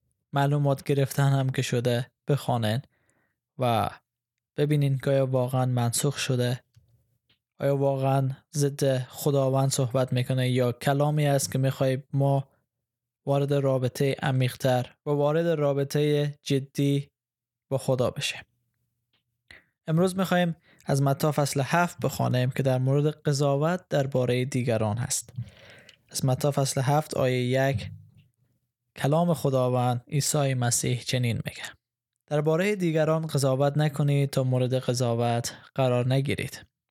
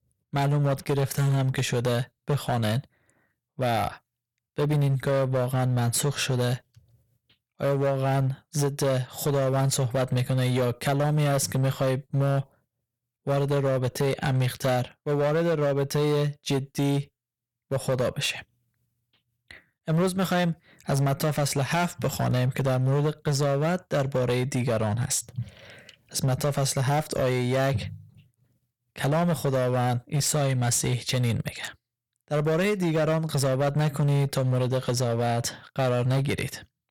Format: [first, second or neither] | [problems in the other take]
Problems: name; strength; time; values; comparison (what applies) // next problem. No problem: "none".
first | distortion; slight; 14% of the sound clipped